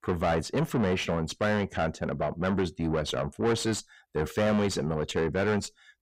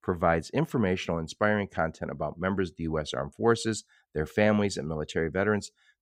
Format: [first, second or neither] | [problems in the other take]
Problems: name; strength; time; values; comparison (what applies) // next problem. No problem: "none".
second | distortion; heavy; 7 dB below the speech